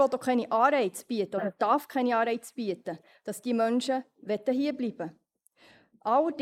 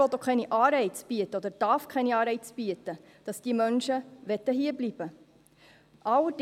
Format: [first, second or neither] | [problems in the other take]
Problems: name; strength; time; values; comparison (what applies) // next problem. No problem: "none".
second | noise reduction (neural mask model Resemble Enhance denoiser)